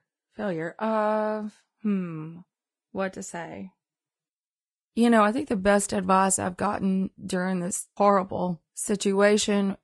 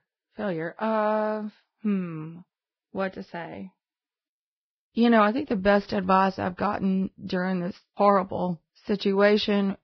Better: first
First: garbled, watery; slightly; nothing above 10.5 kHz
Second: garbled, watery; badly; nothing above 5.5 kHz

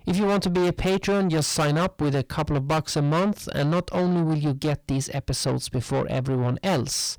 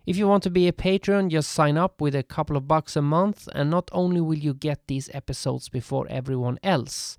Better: second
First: distortion; heavy; 6 dB below the speech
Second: none

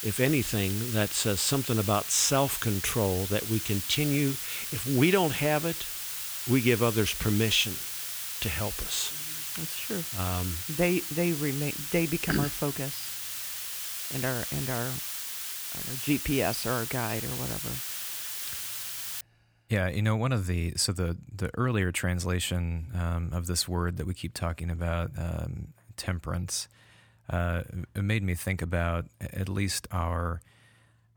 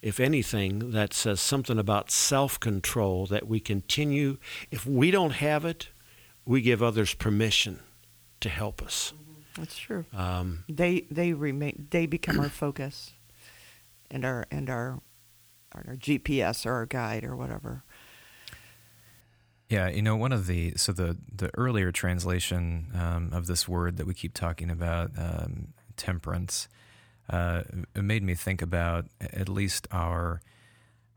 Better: second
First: hiss; loud; until 19 s; 4 dB below the speech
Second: hiss; faint; until 19 s; 25 dB below the speech

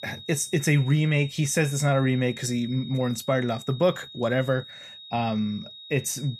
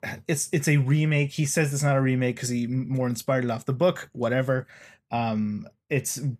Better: second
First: high-pitched whine; noticeable; throughout; 4 kHz, 15 dB below the speech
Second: none

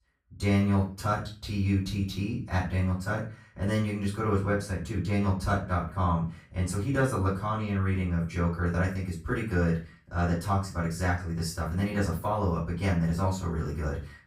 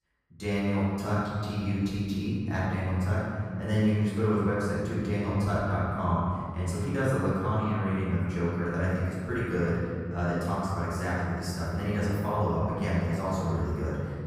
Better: first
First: room echo; slight; dies away in 0.3 s // off-mic speech; far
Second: room echo; strong; dies away in 2.4 s // off-mic speech; far

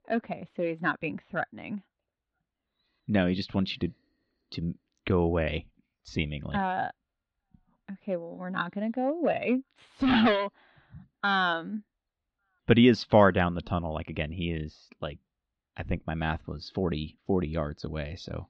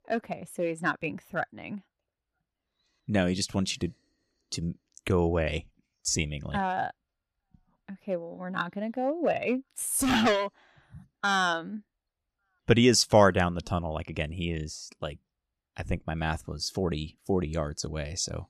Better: second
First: muffled; slightly; fading above 4 kHz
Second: none

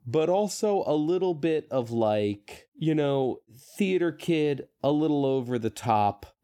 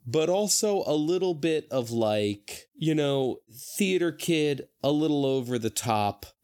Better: second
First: muffled; slightly; fading above 3.5 kHz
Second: none

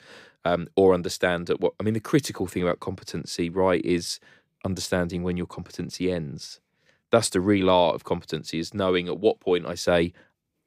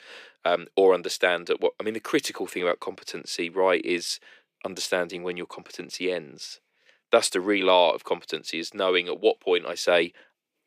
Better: first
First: none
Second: thin; somewhat; fading below 400 Hz

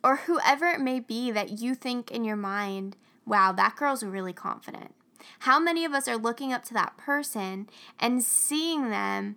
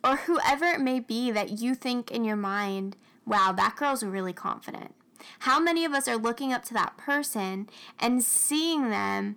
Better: first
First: none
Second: distortion; slight; 10 dB below the speech

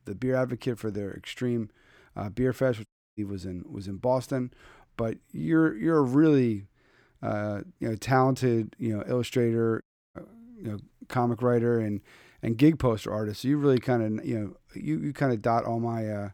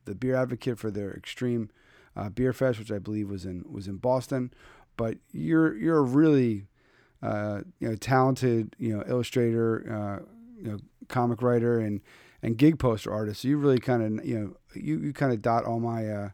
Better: second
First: audio cutting out; at 3 s and at 10 s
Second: none

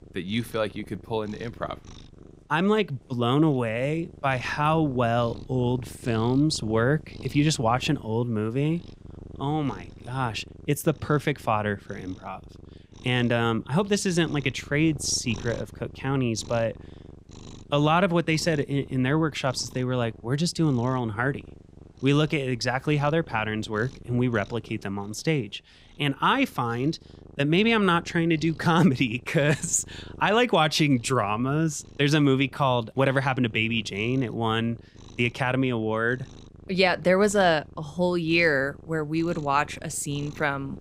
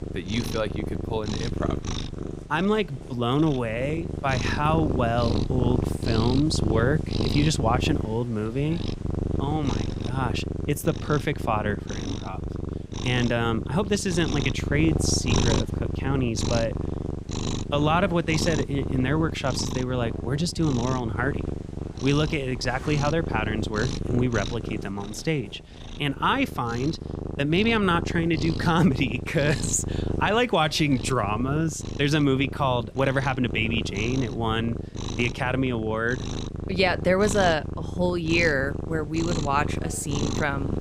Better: first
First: animal sounds; faint; throughout; 20 dB below the speech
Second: animal sounds; loud; throughout; 5 dB below the speech

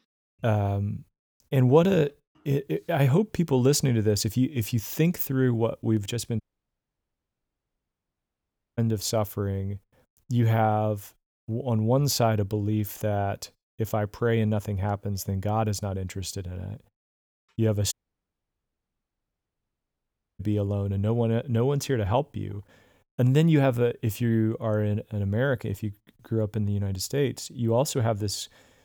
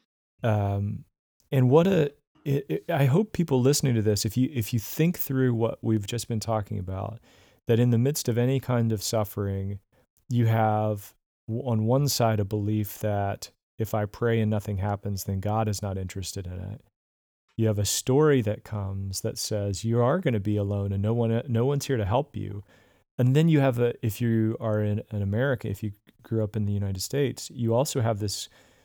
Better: second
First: audio cutting out; at 6.5 s for 2.5 s and at 18 s for 2.5 s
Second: none

